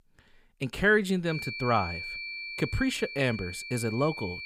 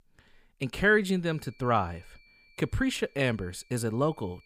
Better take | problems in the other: second | high-pitched whine; loud; from 1.5 s on; 2.5 kHz, 8 dB below the speech; faint in the second

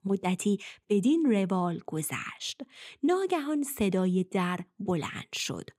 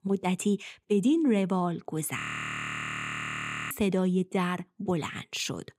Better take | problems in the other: first | audio freezing; at 2 s for 1.5 s

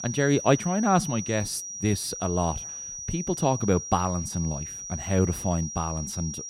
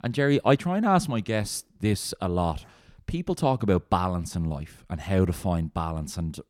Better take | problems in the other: second | high-pitched whine; loud; throughout; 6 kHz, 8 dB below the speech

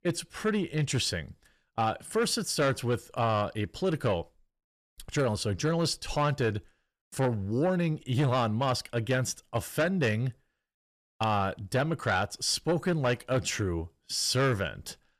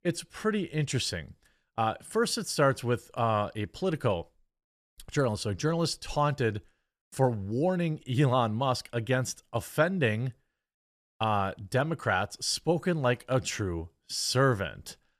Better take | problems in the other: second | distortion; slight; 10 dB below the speech

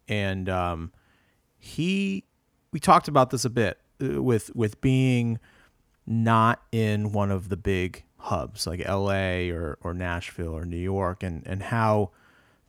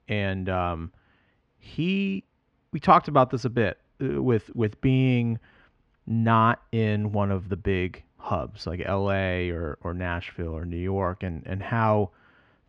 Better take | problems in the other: first | muffled; slightly; fading above 3.5 kHz

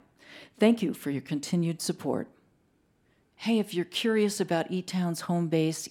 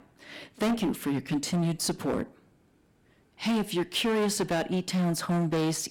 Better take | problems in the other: first | distortion; heavy; 16% of the sound clipped

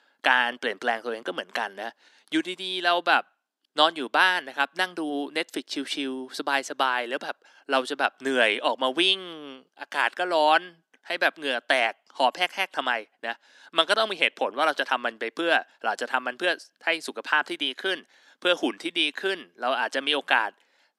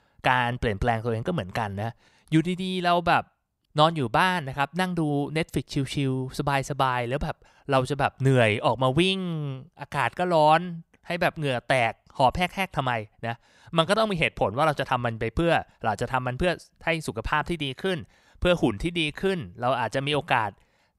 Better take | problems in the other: second | thin; somewhat; fading below 250 Hz

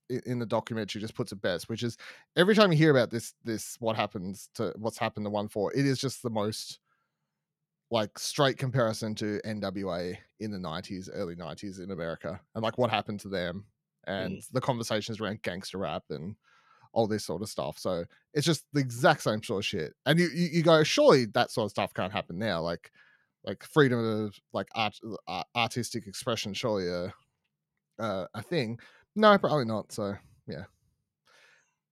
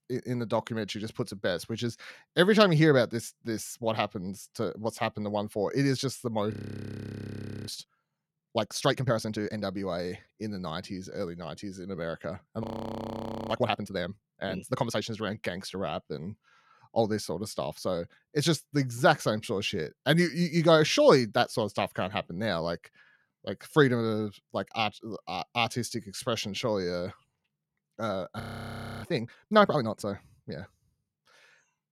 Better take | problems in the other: first | audio freezing; at 6.5 s for 1 s, at 13 s for 1 s and at 28 s for 0.5 s

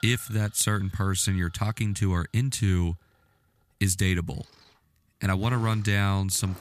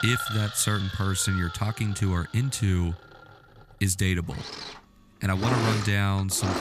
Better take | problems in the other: first | machinery noise; loud; throughout; 8 dB below the speech; faint in the first

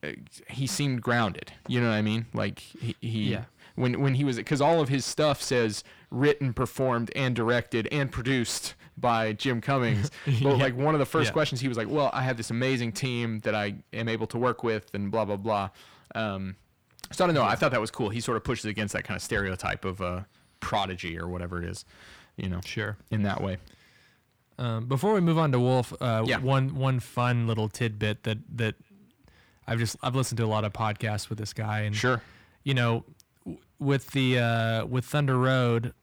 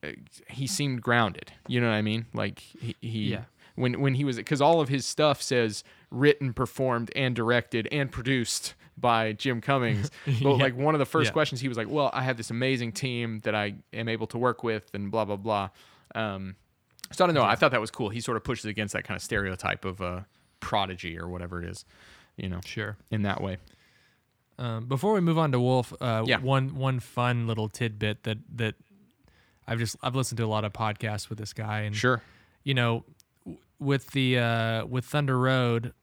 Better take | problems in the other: second | distortion; slight; 10 dB below the speech

